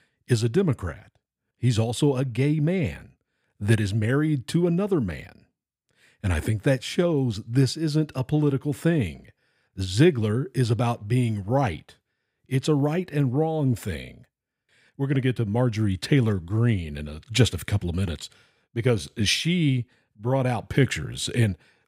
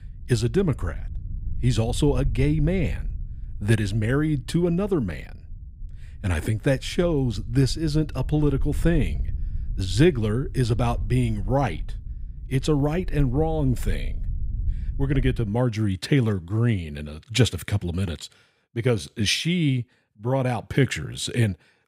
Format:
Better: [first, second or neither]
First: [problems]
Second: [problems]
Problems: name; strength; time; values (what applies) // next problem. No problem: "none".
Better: first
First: none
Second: low rumble; faint; until 15 s; 25 dB below the speech